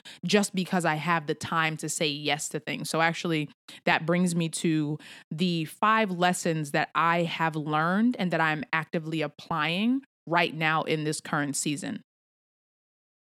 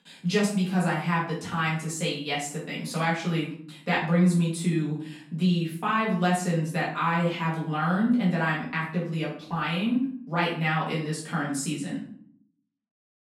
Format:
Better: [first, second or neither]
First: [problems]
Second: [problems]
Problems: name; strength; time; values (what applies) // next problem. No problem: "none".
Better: first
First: none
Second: off-mic speech; far // room echo; noticeable; dies away in 0.5 s